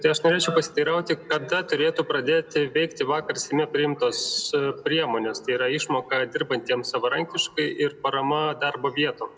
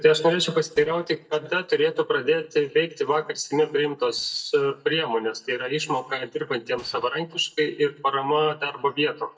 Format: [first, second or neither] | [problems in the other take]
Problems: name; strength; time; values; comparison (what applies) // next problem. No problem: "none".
first | noise reduction (neural mask model DeepFilterNet 3)